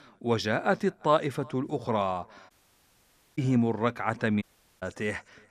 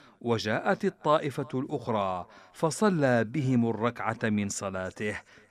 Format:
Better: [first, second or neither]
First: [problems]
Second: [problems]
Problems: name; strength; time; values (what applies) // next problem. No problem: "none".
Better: second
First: audio cutting out; at 2.5 s for 1 s and at 4.5 s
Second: none